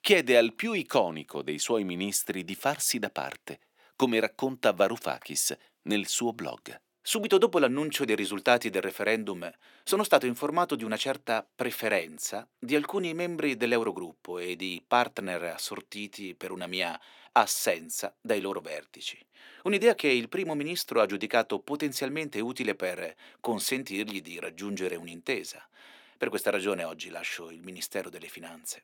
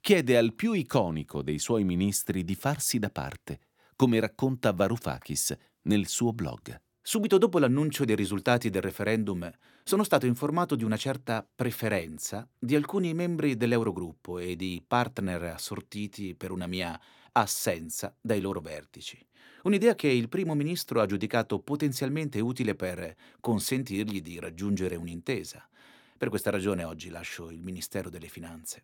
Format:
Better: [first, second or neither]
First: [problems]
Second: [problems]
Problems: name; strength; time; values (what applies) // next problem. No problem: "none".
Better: second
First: thin; somewhat; fading below 300 Hz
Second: none